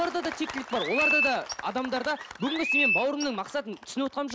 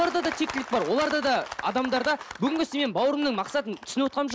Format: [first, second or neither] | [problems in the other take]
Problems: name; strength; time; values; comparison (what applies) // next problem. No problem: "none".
second | background sound (Chirp, tweet); as loud as the speech